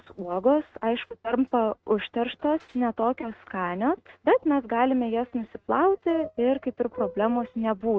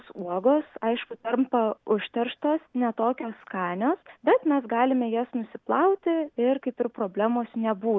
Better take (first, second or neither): second